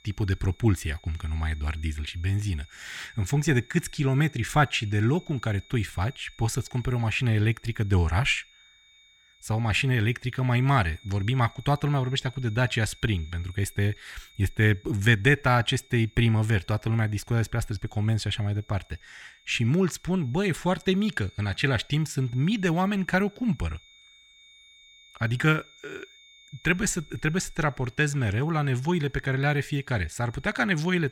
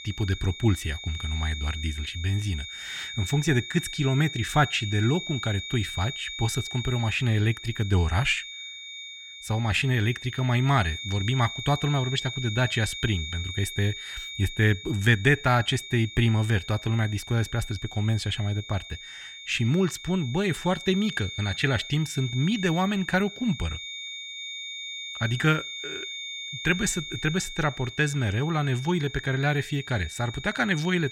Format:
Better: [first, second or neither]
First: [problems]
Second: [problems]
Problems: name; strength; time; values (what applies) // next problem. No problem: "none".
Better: first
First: high-pitched whine; faint; throughout; 3.5 kHz, 30 dB below the speech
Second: high-pitched whine; loud; throughout; 3.5 kHz, 10 dB below the speech